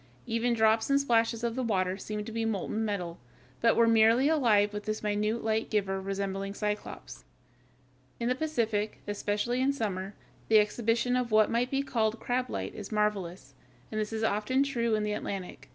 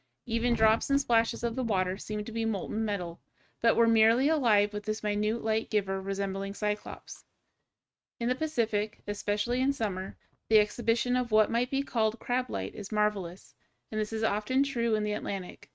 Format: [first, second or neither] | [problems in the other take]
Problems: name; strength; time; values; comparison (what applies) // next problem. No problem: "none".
first | noise reduction (neural mask model RNNoise)